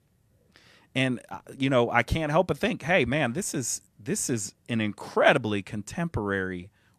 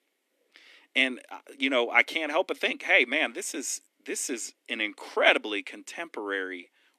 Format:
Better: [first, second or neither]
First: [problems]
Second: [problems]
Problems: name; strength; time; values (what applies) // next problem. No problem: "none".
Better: first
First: none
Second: thin; very slightly; fading below 250 Hz